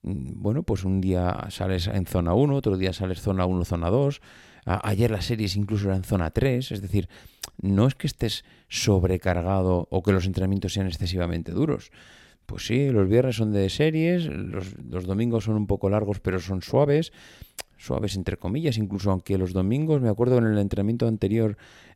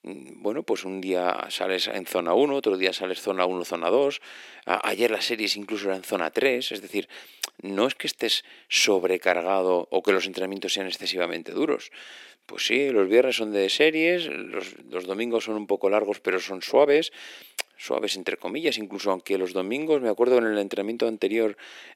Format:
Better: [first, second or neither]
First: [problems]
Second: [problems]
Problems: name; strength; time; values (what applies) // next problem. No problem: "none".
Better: first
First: none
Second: thin; somewhat; fading below 300 Hz